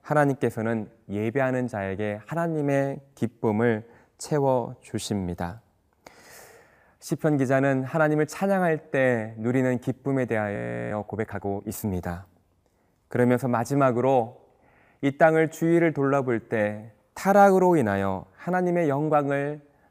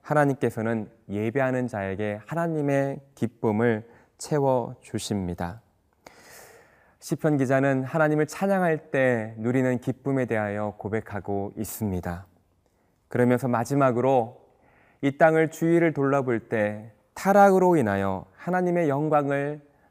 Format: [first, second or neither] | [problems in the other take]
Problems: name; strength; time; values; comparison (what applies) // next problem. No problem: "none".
second | audio freezing; at 11 s